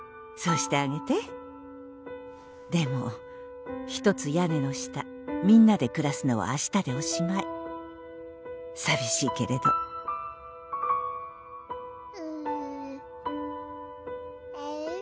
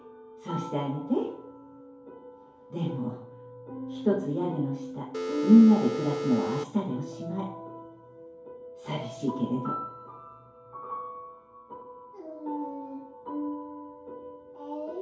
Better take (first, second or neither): first